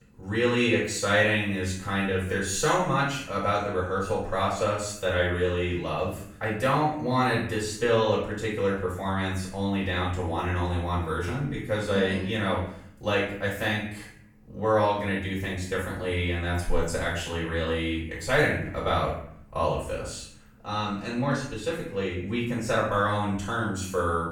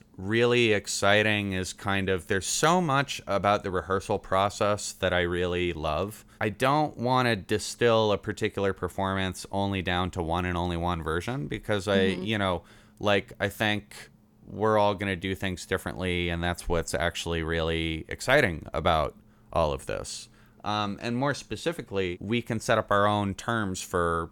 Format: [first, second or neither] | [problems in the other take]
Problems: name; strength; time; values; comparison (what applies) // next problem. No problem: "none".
second | off-mic speech; far // room echo; noticeable; dies away in 0.6 s